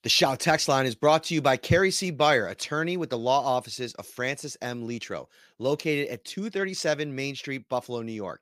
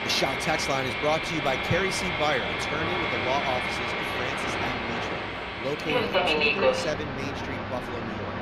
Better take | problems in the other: first | train or aircraft noise; very loud; throughout; 4 dB above the speech

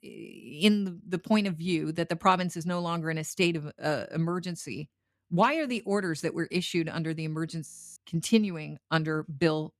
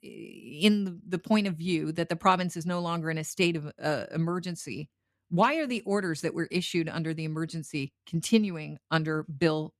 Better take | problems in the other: second | audio freezing; at 7.5 s

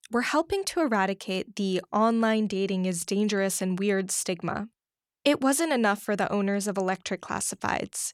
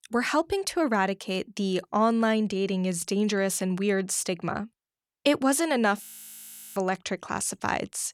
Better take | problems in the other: first | audio freezing; at 6 s for 0.5 s

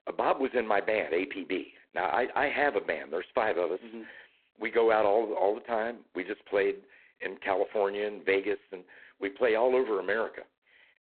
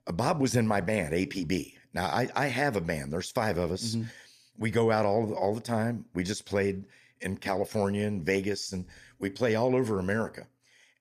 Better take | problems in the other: second | phone-call audio; poor line; nothing above 4 kHz

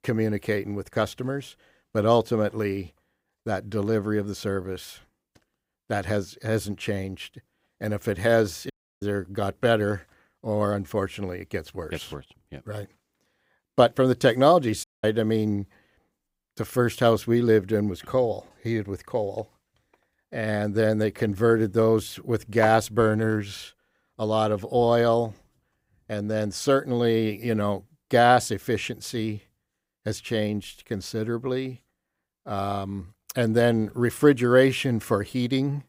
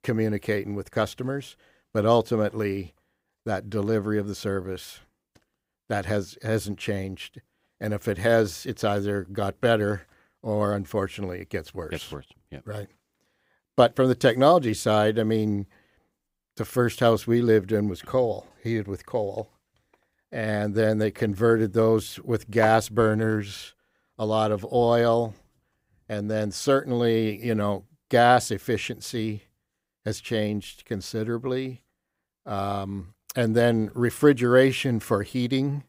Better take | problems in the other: second | audio cutting out; at 8.5 s and at 15 s

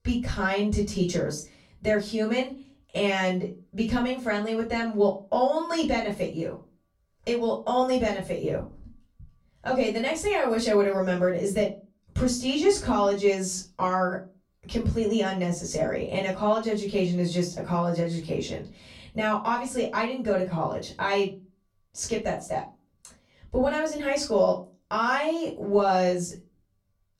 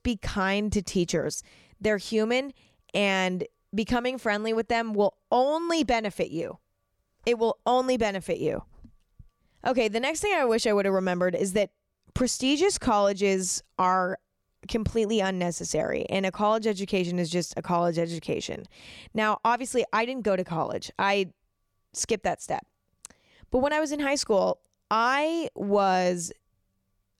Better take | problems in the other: second | off-mic speech; far // room echo; very slight; dies away in 0.2 s

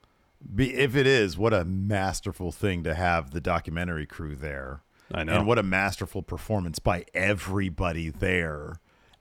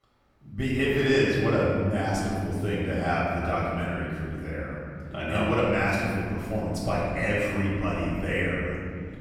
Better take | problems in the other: first | off-mic speech; far // room echo; strong; dies away in 2.5 s

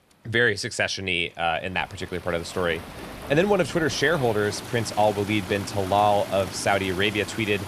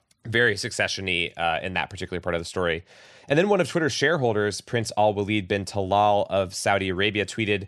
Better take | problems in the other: second | rain or running water; noticeable; throughout; 15 dB below the speech

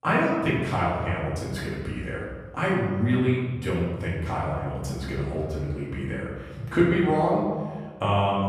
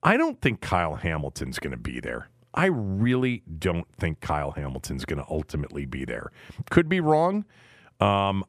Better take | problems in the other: second | off-mic speech; far // room echo; noticeable; dies away in 1.4 s

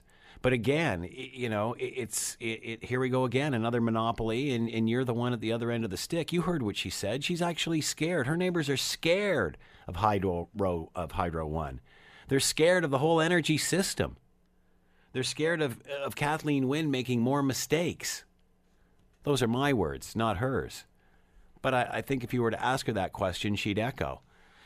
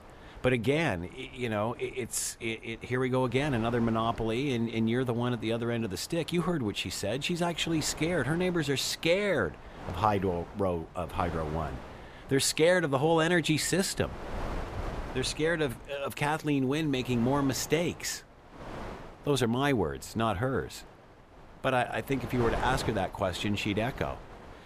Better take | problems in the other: first | wind noise on the microphone; occasional gusts; 15 dB below the speech

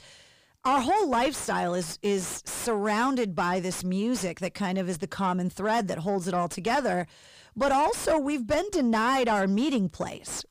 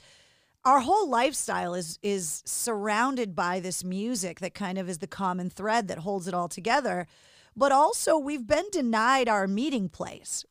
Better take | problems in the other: second | distortion; heavy; 7 dB below the speech

